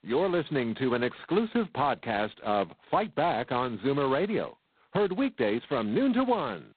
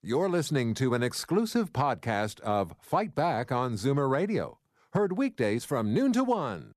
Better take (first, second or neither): second